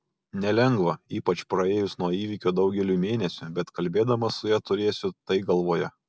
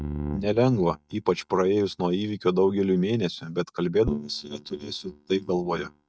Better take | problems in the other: first | noise reduction (neural mask model DeepFilterNet 3)

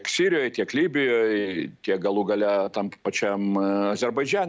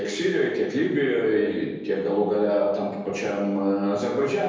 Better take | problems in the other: first | room echo; dies away in 1.2 s

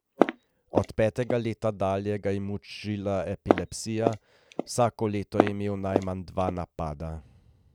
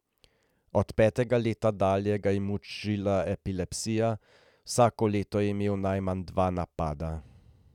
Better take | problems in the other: second | background sound (Walk, footsteps); as loud as the speech

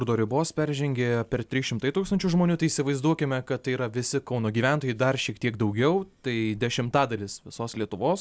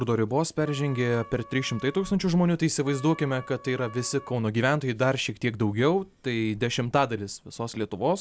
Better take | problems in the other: first | background sound (Wind instrument, woodwind instrument); 19 dB below the speech

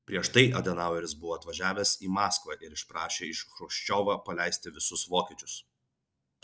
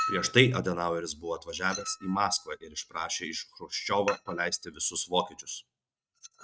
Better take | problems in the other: first | noise reduction (neural mask model RNNoise)

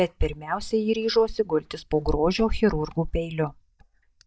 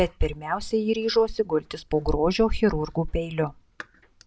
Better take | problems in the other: second | noise reduction (neural mask model DeepFilterNet 3)

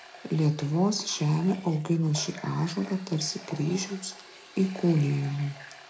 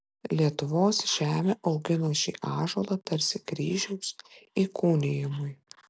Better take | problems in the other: second | background sound (Water tap, faucet); 19 dB below the speech // room echo; dies away in 0.3 s

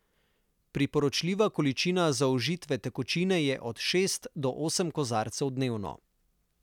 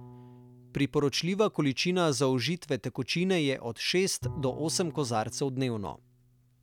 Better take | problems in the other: first | background sound (Bowed string instrument); 18 dB below the speech

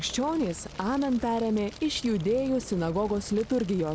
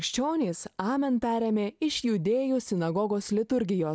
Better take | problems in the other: second | background sound (Fire); 16 dB below the speech

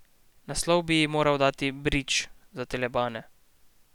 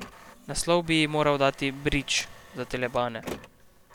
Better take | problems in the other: first | background sound (Printer); 18 dB below the speech

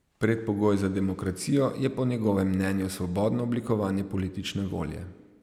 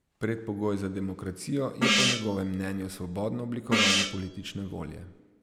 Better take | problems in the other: first | background sound (Gong); 3 dB above the speech

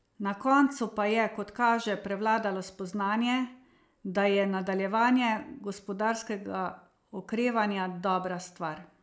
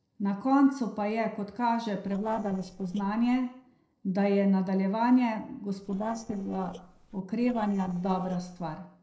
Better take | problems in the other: first | noise reduction (neural separator model SepFormer DNS4)

